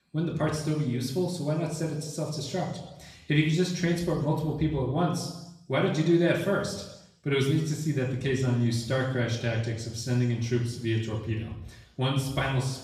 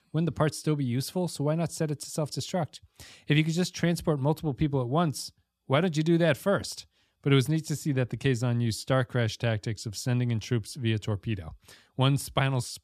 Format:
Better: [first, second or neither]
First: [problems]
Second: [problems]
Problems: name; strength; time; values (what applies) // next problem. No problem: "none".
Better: second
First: room echo; noticeable; dies away in 0.8 s // off-mic speech; far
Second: none